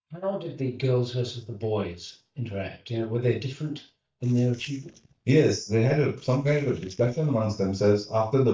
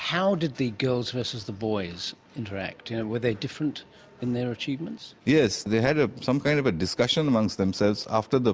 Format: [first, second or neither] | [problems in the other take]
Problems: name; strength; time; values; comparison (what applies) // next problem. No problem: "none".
second | noise reduction (neural mask model DeepFilterNet 3)